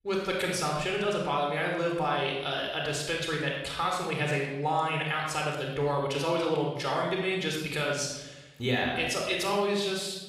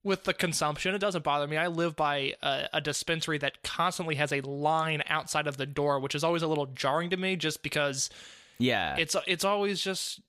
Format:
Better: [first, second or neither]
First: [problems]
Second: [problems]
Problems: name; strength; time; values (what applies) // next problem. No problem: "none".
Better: second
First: off-mic speech; somewhat distant // room echo; noticeable; dies away in 0.8 s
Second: none